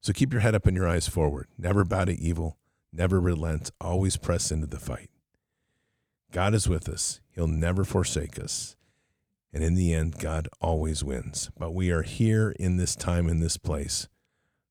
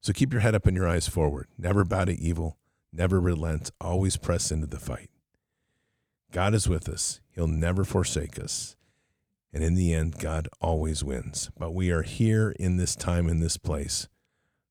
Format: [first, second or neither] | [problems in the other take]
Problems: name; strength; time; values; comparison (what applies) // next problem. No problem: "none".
neither | none